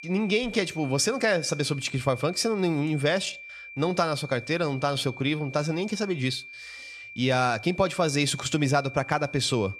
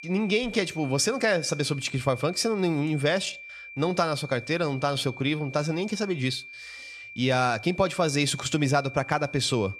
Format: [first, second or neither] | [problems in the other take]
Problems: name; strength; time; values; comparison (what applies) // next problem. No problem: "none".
neither | high-pitched whine; noticeable; throughout; 2.5 kHz, 15 dB below the speech; the same in both